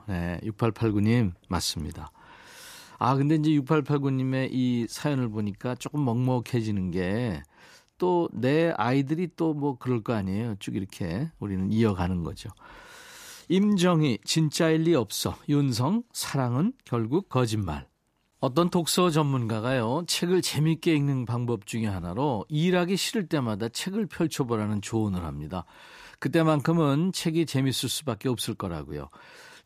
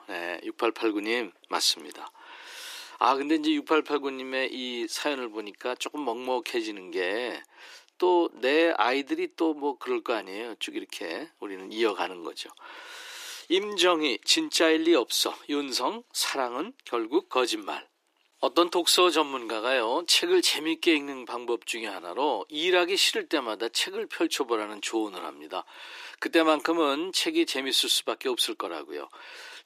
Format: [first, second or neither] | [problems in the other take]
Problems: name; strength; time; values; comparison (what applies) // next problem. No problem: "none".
first | thin; very; fading below 350 Hz